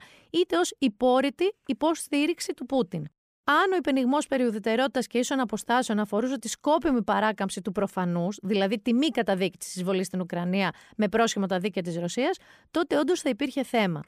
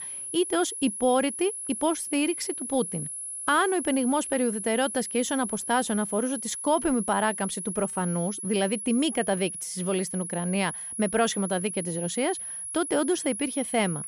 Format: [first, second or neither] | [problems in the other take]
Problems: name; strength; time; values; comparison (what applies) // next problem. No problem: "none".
first | high-pitched whine; loud; throughout; 10.5 kHz, 6 dB below the speech